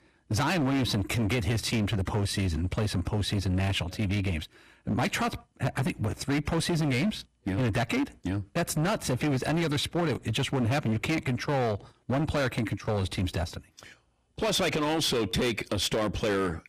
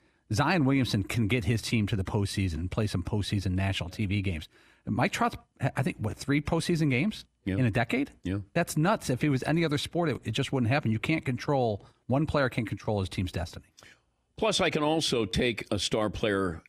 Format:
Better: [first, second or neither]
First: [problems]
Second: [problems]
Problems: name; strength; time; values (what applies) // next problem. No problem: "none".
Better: second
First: distortion; heavy; 19% of the sound clipped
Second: none